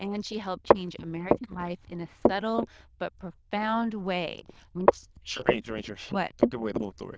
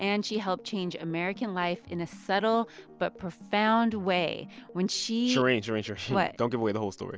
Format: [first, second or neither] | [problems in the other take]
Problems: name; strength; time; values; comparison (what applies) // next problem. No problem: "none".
second | noise reduction (neural diffusion model UNIVERSE++)